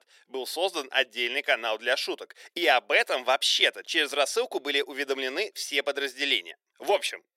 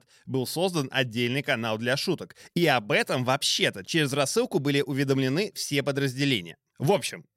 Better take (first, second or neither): second